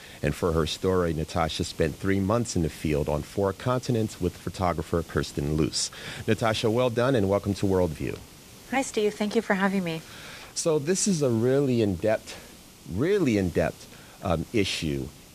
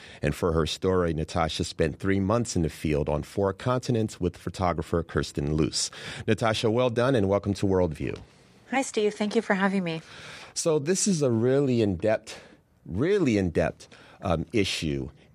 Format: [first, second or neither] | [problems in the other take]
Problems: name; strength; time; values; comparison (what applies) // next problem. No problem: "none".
second | hiss; faint; throughout; 20 dB below the speech